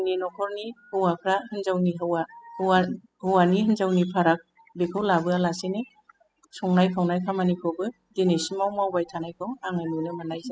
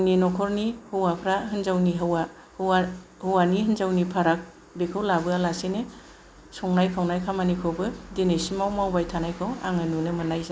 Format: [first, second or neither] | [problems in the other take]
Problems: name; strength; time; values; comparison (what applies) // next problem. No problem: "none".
second | noise reduction (classical method spectral subtraction)